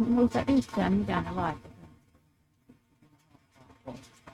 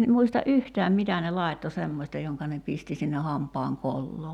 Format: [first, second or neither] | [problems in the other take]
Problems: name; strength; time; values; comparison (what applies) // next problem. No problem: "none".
second | noise reduction (neural mask model RNNoise)